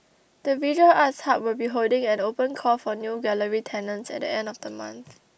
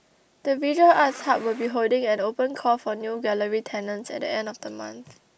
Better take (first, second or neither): first